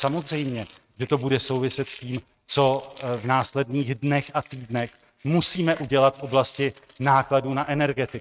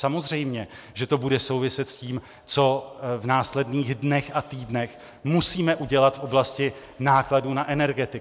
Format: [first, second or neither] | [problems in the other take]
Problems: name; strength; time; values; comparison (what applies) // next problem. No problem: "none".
second | noise reduction (neural mask model RNNoise)